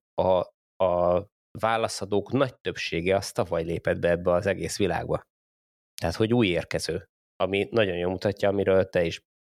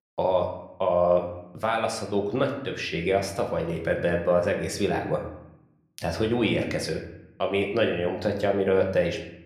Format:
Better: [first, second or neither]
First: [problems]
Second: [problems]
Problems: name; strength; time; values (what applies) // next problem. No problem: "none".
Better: first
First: none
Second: room echo; slight; dies away in 0.7 s